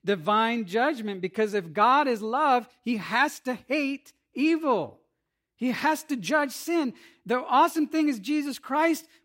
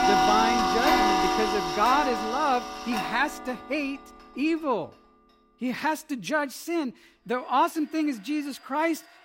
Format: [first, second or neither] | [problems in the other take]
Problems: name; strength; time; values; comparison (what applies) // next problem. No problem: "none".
first | household noises; very loud; throughout; 2 dB above the speech